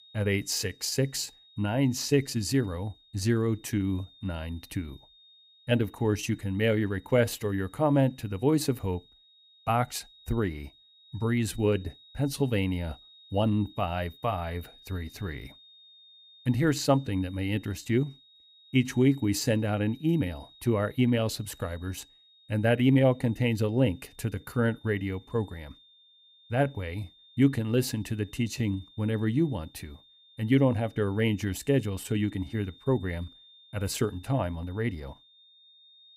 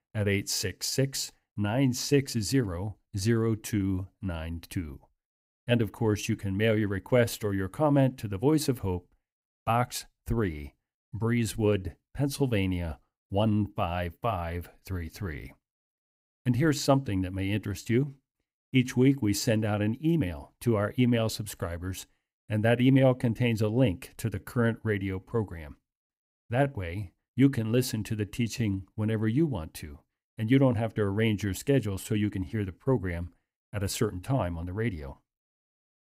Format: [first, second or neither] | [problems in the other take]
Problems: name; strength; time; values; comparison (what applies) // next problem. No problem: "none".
second | high-pitched whine; faint; throughout; 3.5 kHz, 25 dB below the speech